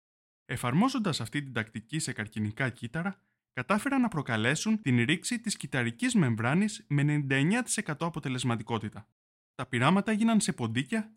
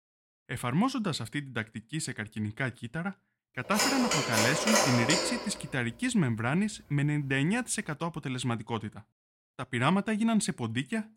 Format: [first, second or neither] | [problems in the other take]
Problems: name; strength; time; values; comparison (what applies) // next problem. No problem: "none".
first | phone ringing; loud; from 3.5 to 5.5 s; peak 6 dB above the speech